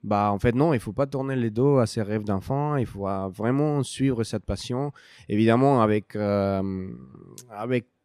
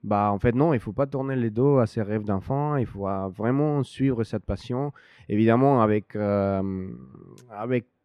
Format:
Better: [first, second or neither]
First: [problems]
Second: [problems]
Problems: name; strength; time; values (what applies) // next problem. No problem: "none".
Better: first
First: none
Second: muffled; slightly; fading above 3.5 kHz